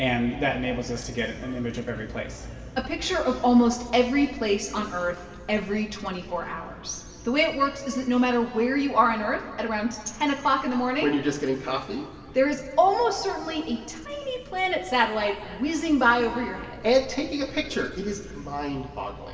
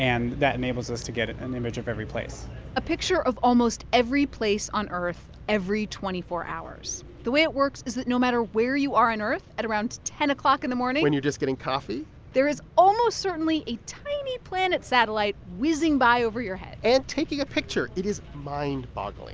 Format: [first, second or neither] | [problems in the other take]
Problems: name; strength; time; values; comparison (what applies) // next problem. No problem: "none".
second | room echo; dies away in 2.7 s